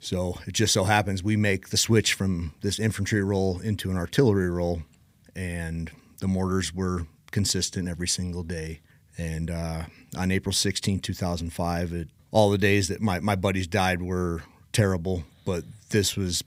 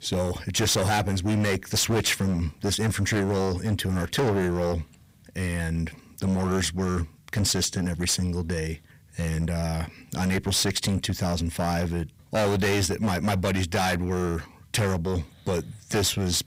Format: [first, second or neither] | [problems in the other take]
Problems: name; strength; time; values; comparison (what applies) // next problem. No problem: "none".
first | distortion; heavy; 15% of the sound clipped